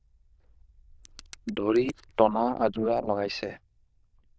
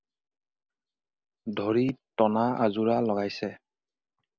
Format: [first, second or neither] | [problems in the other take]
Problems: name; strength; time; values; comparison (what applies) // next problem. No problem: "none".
second | noise reduction (neural diffusion model UNIVERSE++)